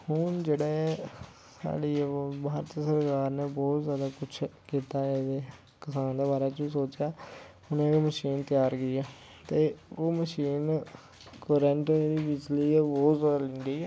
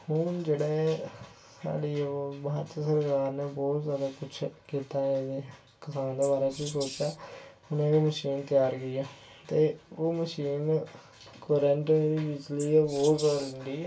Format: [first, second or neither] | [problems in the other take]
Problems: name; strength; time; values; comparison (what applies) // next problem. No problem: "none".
first | background sound (Wild animals); 14 dB below the speech // room echo; dies away in 0.2 s